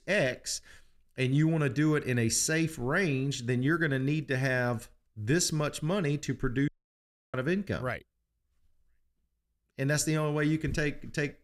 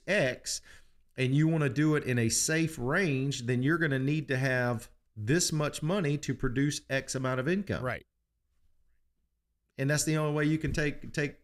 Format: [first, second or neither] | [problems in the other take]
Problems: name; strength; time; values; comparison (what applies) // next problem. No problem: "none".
second | audio cutting out; at 6.5 s for 0.5 s